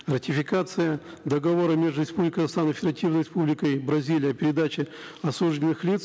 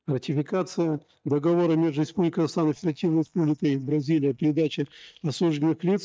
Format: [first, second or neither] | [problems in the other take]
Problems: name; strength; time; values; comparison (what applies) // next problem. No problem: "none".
first | noise reduction (neural mask model DeepFilterNet 3)